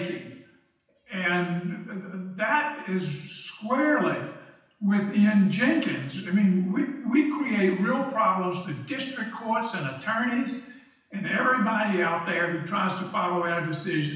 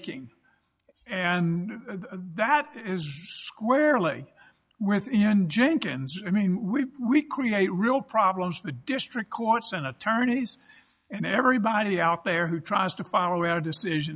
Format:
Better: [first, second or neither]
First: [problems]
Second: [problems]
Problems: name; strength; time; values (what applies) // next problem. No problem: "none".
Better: second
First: room echo; dies away in 0.9 s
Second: none